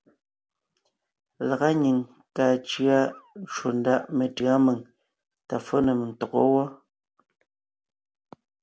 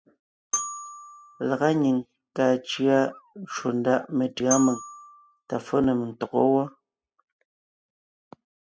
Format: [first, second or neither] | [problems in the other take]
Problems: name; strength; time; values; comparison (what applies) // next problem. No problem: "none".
first | noise reduction (classical method spectral subtraction)